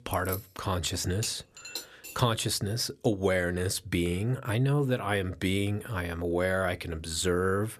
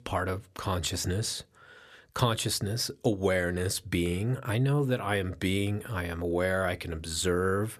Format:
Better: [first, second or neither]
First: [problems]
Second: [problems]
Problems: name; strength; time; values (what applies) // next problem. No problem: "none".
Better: second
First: jangling keys; noticeable; at the start; peak 9 dB below the speech // clattering dishes; noticeable; at 1 s; peak 9 dB below the speech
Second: none